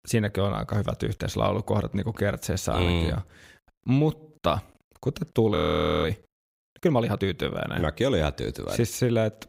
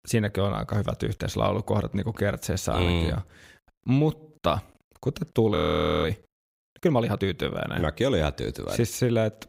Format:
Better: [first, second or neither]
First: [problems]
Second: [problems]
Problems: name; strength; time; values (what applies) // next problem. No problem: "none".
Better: neither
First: audio freezing; at 5.5 s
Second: audio freezing; at 5.5 s